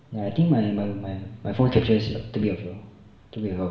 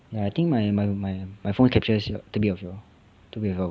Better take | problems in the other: second | background sound (Bass guitar); 15 dB below the speech // room echo; dies away in 0.8 s

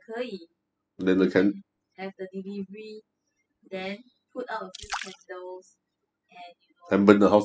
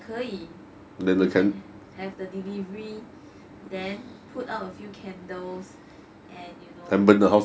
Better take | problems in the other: second | noise reduction (classical method spectral subtraction)

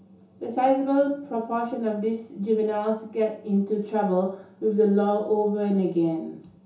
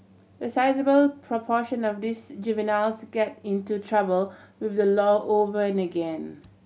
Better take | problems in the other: second | room echo; dies away in 0.7 s

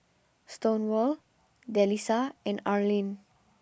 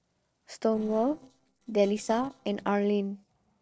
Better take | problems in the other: first | noise reduction (neural separator model SepFormer DNS4)

